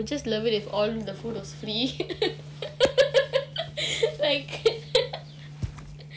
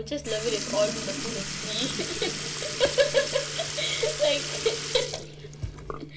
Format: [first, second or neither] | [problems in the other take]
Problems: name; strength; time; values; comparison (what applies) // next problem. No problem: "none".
first | background sound (Sink (filling or washing) / Liquid); 5 dB below the speech // room echo; dies away in 1.7 s